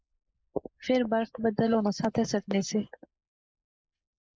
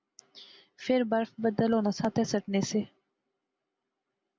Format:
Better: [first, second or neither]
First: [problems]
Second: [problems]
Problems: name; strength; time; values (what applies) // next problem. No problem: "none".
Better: second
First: noise reduction (neural mask model Resemble Enhance denoiser)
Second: none